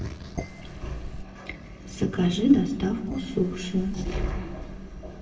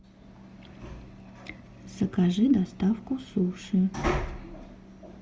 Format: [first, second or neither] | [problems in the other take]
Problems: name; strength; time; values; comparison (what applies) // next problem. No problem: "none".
second | noise reduction (neural separator model SepFormer DNS4)